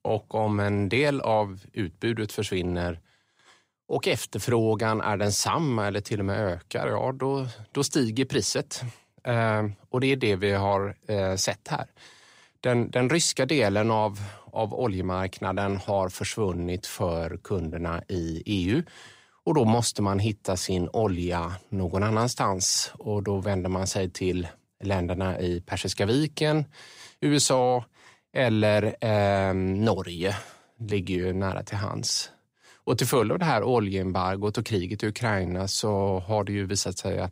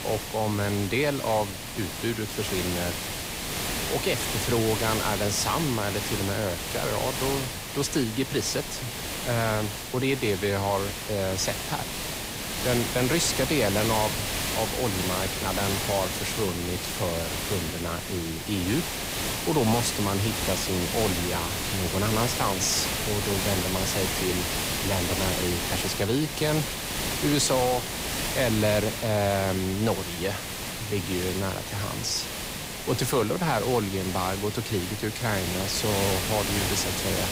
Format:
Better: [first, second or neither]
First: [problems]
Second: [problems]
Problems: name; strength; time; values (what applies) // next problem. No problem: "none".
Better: first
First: none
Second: hiss; loud; throughout; 1 dB below the speech